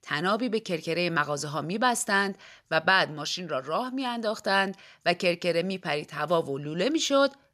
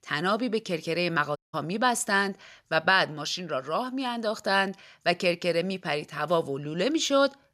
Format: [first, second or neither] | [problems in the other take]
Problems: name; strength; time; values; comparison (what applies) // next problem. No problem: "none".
first | audio cutting out; at 1.5 s